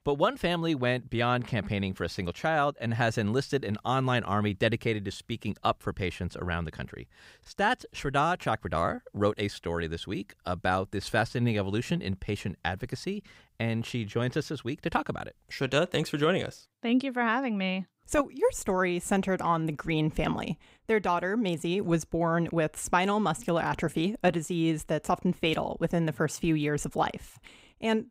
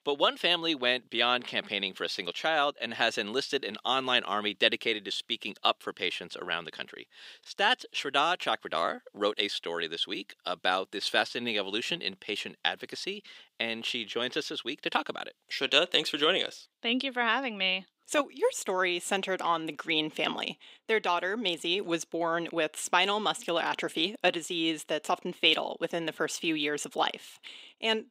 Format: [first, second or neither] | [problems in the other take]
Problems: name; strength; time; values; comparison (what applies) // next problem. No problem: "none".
first | thin; somewhat; fading below 300 Hz